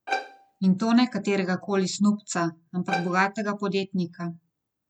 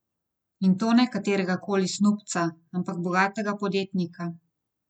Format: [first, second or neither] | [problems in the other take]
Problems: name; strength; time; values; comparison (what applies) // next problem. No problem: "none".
second | background sound (Bowed string instrument); 9 dB below the speech